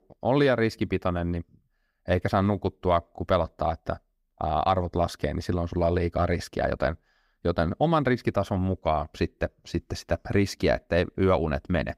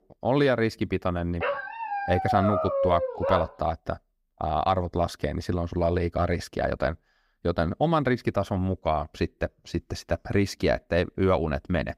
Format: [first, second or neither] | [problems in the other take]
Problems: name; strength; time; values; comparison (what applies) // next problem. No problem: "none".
first | dog barking; loud; from 1.5 to 3.5 s; peak 1 dB above the speech